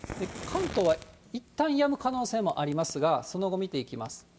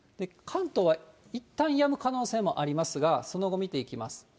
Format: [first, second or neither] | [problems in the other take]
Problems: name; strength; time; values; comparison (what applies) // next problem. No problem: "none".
second | background sound (Fire); 15 dB below the speech